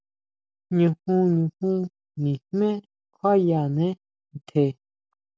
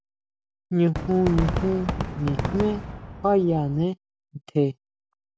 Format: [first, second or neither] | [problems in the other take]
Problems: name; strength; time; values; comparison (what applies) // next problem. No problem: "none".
first | background sound (Fireworks); 7 dB below the speech